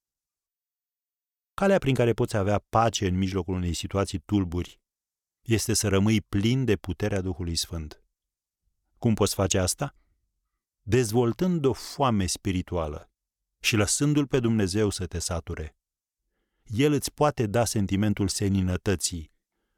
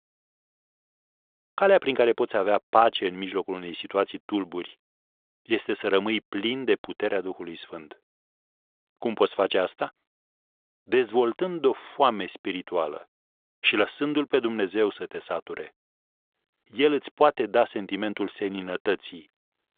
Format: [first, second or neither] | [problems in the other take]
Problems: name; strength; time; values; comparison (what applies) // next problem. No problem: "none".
first | phone-call audio